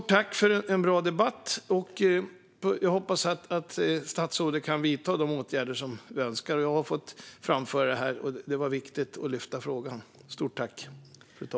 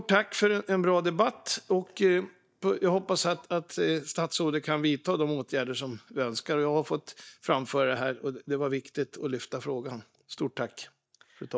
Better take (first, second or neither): first